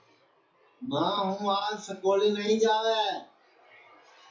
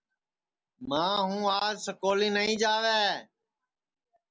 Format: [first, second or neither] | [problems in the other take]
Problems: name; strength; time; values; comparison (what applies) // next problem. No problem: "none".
second | noise reduction (classical method WPE with log-MMSE)